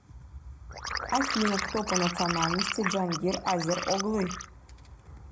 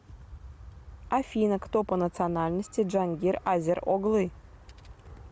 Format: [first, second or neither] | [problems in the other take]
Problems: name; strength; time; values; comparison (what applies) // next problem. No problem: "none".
second | background sound (Liquid); 2 dB below the speech // room echo; dies away in 0.2 s